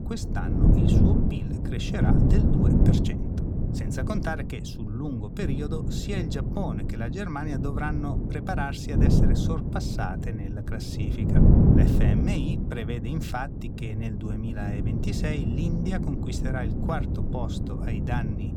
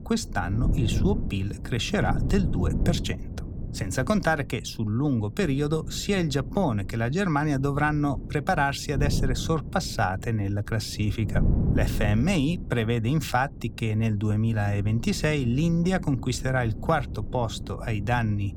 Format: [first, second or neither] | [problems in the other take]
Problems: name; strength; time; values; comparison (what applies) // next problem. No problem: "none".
second | wind noise on the microphone; heavy; 1 dB above the speech; occasional gusts in the second